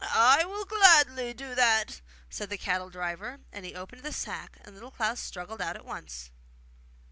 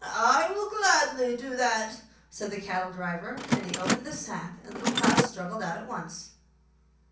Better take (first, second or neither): first